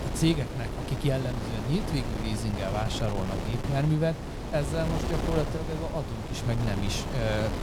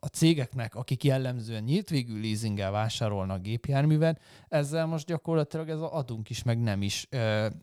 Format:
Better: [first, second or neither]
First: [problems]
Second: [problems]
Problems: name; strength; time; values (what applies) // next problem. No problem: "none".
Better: second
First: wind noise on the microphone; heavy; 4 dB below the speech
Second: none